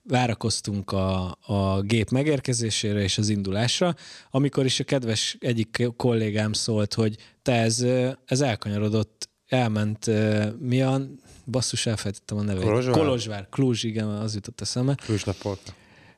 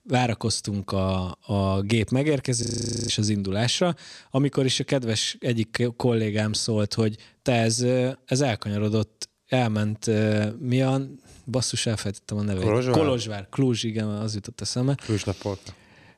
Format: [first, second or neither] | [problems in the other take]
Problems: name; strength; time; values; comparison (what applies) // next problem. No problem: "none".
first | audio freezing; at 2.5 s